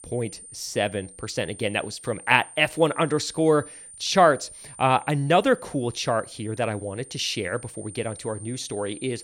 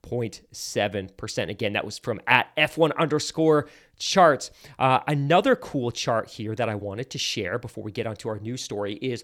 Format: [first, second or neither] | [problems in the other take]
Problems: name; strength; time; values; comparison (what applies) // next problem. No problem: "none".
second | high-pitched whine; noticeable; throughout; 9 kHz, 15 dB below the speech